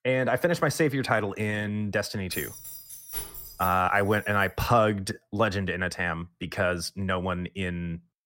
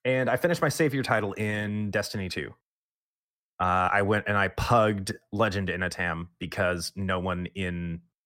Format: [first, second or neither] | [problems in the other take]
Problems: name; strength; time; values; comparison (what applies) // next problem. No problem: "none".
second | jangling keys; noticeable; from 2.5 to 4.5 s; peak 7 dB below the speech